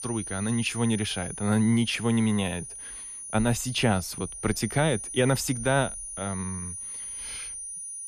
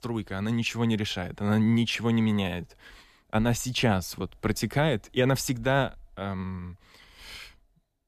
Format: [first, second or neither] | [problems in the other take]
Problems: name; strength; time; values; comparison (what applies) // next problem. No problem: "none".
second | high-pitched whine; loud; throughout; 9.5 kHz, 8 dB below the speech